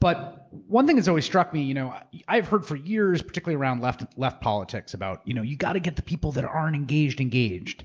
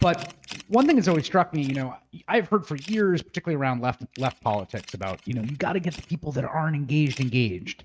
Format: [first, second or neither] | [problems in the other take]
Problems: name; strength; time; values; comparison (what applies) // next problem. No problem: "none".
first | noise reduction (neural mask model RNNoise)